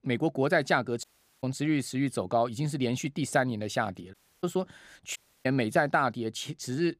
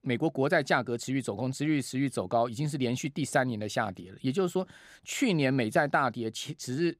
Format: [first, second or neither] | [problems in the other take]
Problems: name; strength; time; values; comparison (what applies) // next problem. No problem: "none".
second | audio cutting out; at 1 s, at 4 s and at 5 s